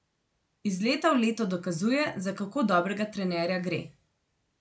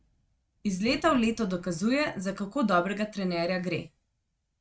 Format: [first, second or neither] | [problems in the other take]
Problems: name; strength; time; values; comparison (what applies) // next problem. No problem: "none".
first | noise reduction (neural mask model RNNoise)